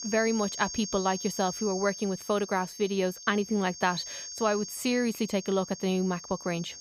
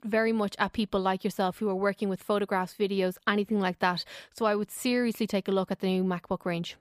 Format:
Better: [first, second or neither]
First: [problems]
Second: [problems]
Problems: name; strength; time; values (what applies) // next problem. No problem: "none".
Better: second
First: high-pitched whine; loud; throughout; 6.5 kHz, 9 dB below the speech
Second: none